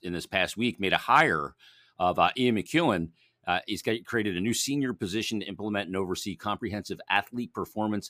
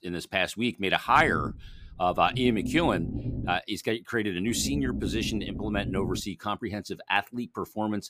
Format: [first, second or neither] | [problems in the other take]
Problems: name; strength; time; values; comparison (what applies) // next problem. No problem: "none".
first | low rumble; noticeable; from 1 to 3.5 s and from 4.5 to 6 s; 15 dB below the speech